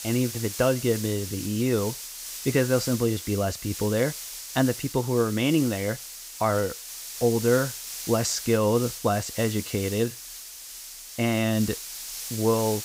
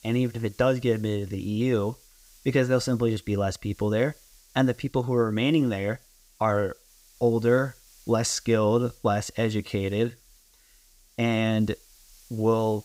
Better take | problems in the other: second | hiss; loud; throughout; 9 dB below the speech; faint in the second

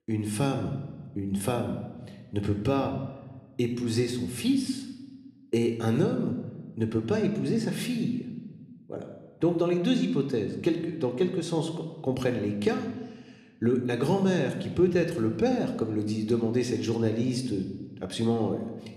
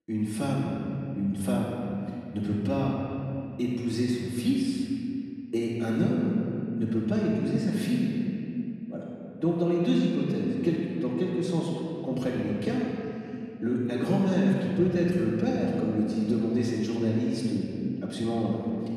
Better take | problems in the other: first | room echo; strong; dies away in 2.6 s; slight in the first // off-mic speech; far

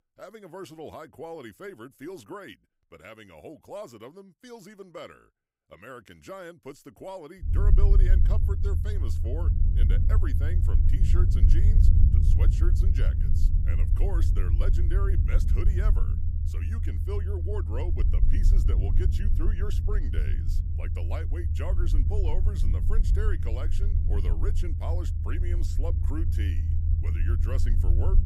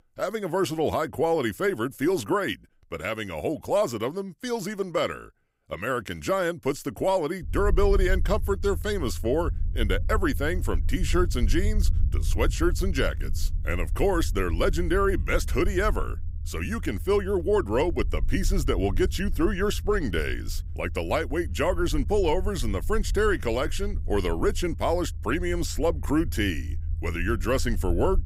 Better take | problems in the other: second | low rumble; loud; from 7.5 s on; 2 dB below the speech; faint in the second

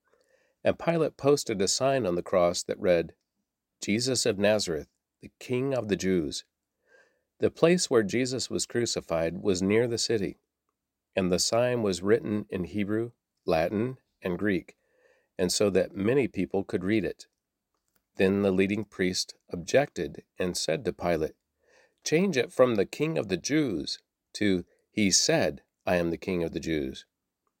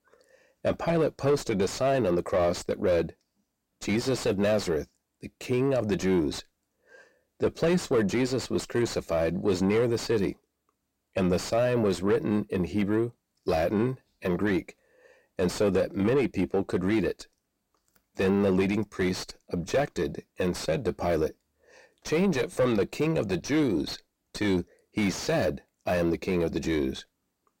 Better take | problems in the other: first | distortion; heavy; 6 dB below the speech

